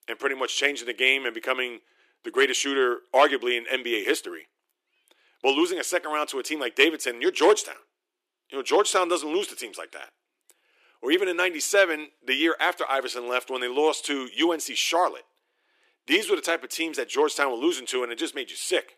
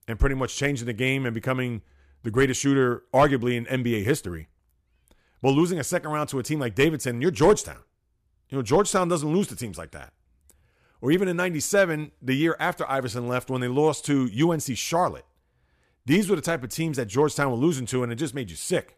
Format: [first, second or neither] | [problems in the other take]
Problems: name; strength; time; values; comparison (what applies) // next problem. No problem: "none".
second | thin; somewhat; fading below 350 Hz